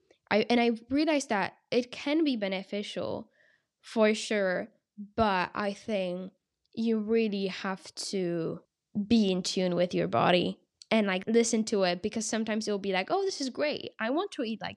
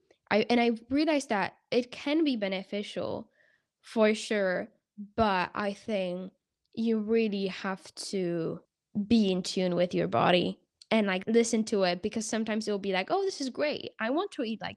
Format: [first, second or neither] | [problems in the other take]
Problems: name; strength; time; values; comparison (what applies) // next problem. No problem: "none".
first | garbled, watery; slightly; nothing above 10 kHz